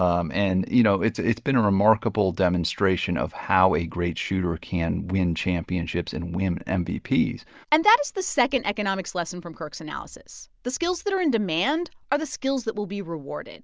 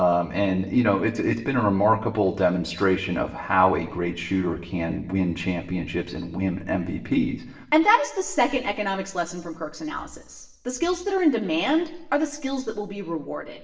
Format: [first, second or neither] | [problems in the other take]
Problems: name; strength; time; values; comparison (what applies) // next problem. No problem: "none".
first | room echo; dies away in 0.8 s